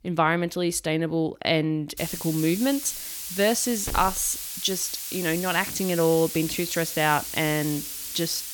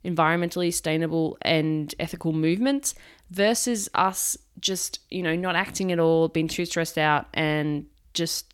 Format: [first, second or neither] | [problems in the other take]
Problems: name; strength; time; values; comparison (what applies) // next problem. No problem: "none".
second | hiss; loud; from 2 s on; 6 dB below the speech